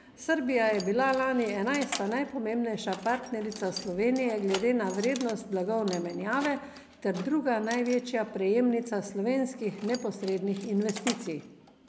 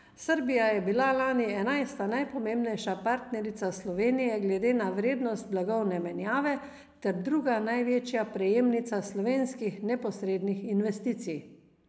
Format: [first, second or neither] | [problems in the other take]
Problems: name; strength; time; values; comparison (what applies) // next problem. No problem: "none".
second | background sound (Keys jangling); 15 dB below the speech